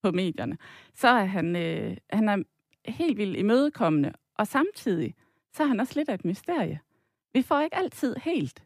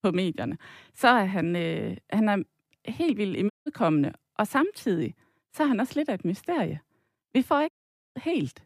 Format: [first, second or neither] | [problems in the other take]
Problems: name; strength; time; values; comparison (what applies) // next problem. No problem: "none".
first | audio cutting out; at 3.5 s and at 7.5 s